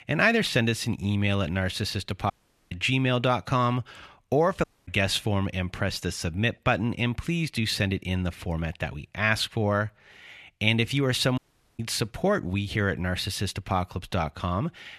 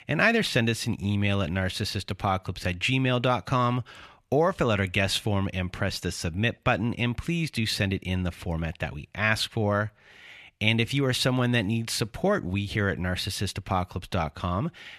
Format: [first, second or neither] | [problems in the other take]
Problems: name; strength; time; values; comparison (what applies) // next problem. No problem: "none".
second | audio cutting out; at 2.5 s, at 4.5 s and at 11 s